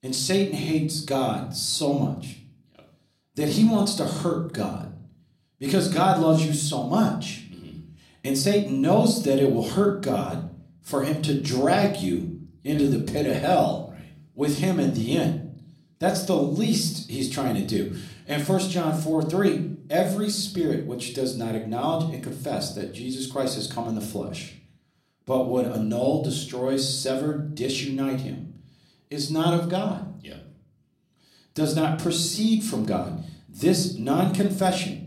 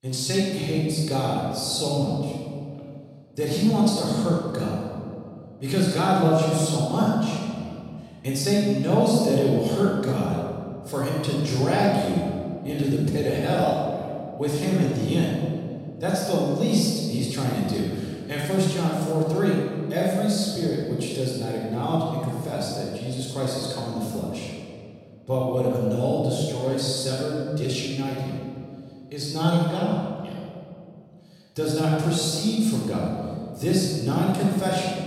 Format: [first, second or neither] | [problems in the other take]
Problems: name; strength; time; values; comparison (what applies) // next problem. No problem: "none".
first | room echo; strong; dies away in 1.9 s; slight in the first // off-mic speech; far; somewhat distant in the first